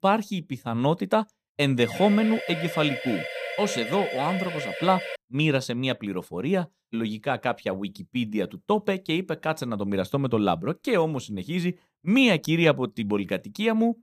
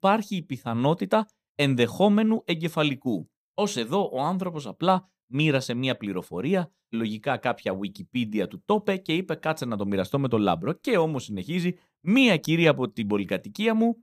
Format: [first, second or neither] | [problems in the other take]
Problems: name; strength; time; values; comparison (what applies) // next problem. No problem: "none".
second | siren; noticeable; from 2 to 5 s; peak 6 dB below the speech